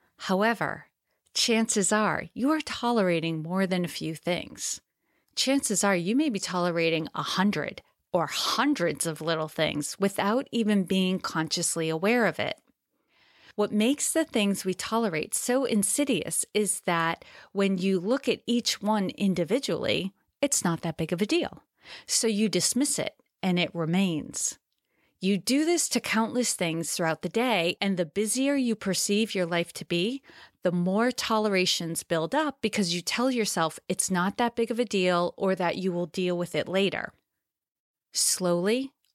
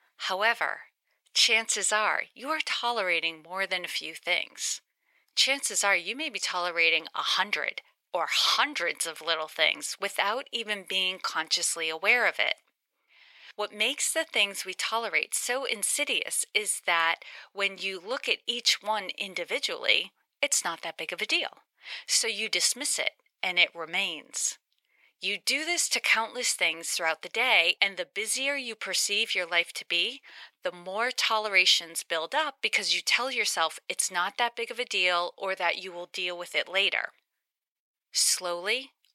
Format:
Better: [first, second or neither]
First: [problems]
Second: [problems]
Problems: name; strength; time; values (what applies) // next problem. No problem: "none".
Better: first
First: none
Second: thin; very; fading below 750 Hz